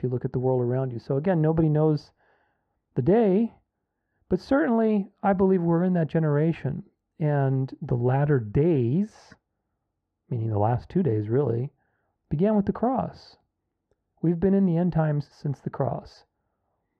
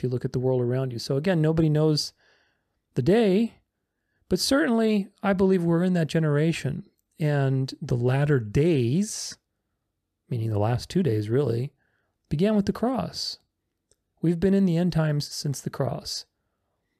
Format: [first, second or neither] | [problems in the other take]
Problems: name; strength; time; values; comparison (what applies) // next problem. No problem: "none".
second | muffled; very; fading above 4 kHz